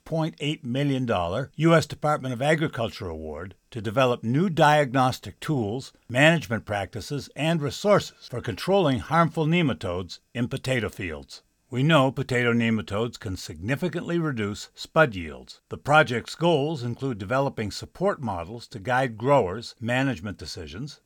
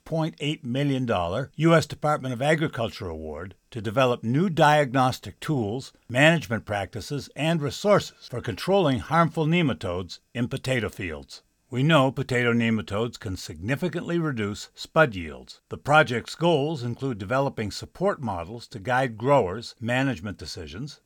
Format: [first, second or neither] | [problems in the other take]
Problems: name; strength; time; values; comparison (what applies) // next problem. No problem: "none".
neither | none